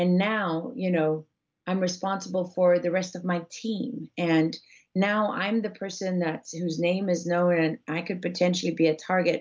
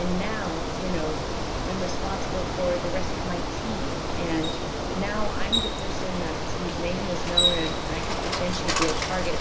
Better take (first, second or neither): first